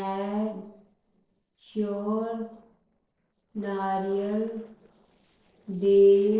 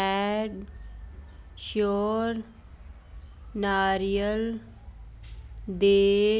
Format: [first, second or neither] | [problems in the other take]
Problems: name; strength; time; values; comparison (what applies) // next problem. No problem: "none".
second | noise reduction (neural separator model SepFormer DNS4)